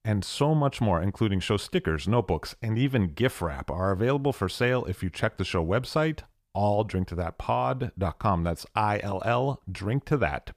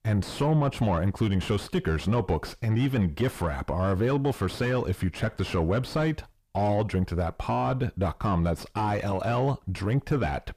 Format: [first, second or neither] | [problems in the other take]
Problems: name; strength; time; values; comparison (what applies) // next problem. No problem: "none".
first | distortion; heavy; 7 dB below the speech